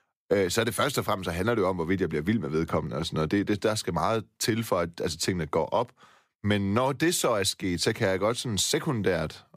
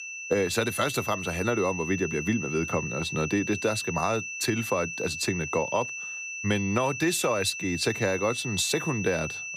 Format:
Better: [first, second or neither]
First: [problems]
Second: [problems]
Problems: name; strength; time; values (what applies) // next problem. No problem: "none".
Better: first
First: none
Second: high-pitched whine; loud; throughout; 2.5 kHz, 6 dB below the speech